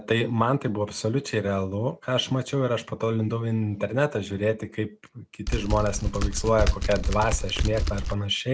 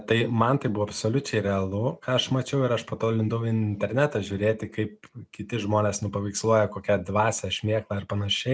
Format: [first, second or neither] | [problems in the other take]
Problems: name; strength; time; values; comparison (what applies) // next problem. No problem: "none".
second | background sound (Typing); as loud as the speech